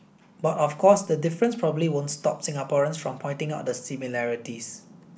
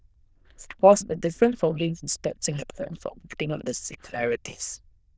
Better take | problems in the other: first | noise reduction (neural diffusion model UNIVERSE++)

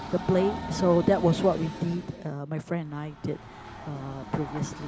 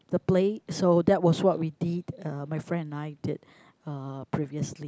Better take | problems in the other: second | background sound (Train); 10 dB below the speech

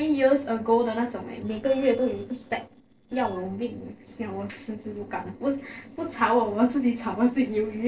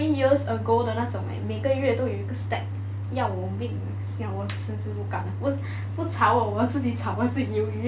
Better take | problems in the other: second | noise reduction (neural separator model SepFormer DNS4)

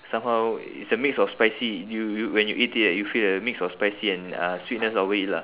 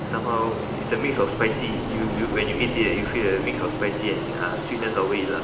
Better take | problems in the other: first | background sound (Engine); 3 dB below the speech // room echo; dies away in 0.8 s

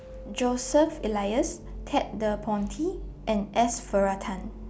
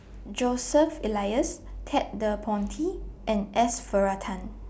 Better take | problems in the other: second | background sound (Piano); 19 dB below the speech

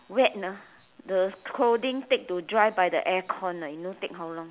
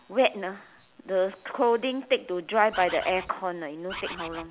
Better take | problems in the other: first | background sound (Bird); 11 dB below the speech

